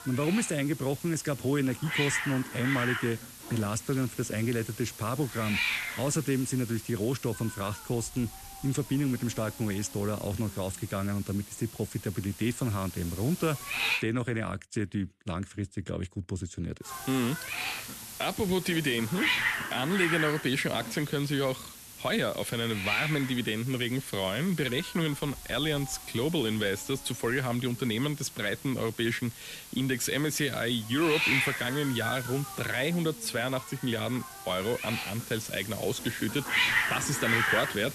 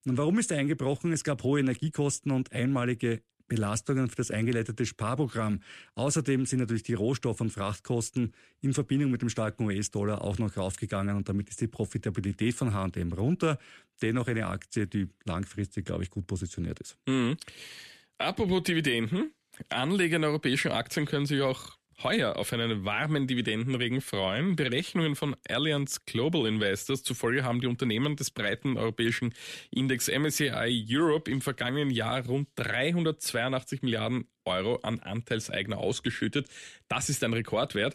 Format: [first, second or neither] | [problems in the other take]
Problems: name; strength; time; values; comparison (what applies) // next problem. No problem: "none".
second | hiss; loud; until 14 s and from 17 s on; 3 dB below the speech